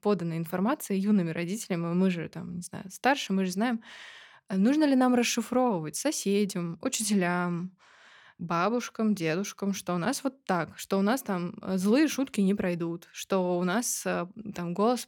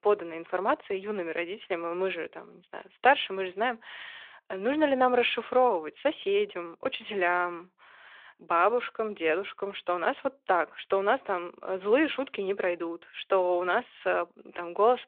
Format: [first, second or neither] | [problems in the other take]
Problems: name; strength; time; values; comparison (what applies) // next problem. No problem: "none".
first | phone-call audio